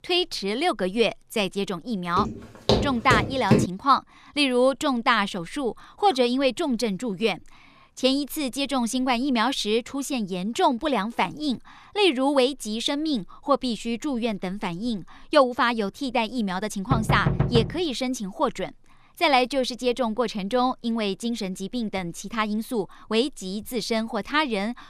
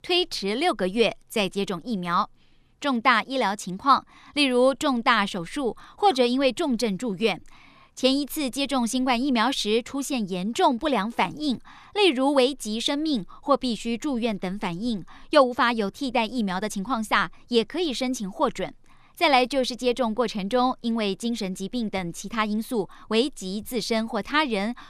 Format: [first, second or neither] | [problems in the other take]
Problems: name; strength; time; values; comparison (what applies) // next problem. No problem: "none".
second | footsteps; loud; from 2 to 3.5 s; peak 2 dB above the speech // door banging; loud; at 17 s; peak 1 dB above the speech